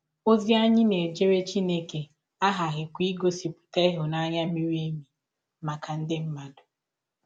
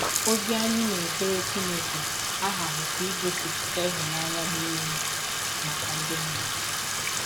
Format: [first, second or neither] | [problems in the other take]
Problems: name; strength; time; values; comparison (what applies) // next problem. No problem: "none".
first | background sound (Bathtub (filling or washing)); 3 dB above the speech